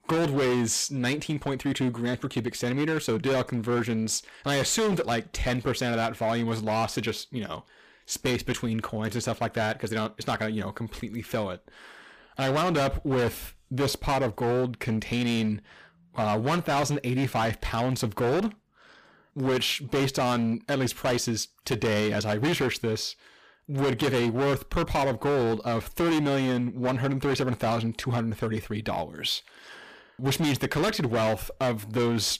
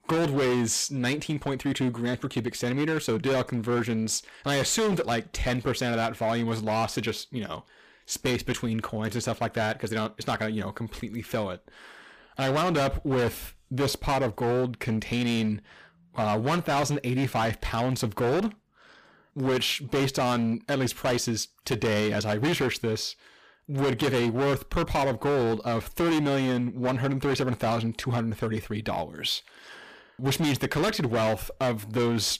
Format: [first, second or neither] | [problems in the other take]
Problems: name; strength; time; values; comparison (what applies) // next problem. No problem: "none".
neither | distortion; heavy; 16% of the sound clipped; the same in both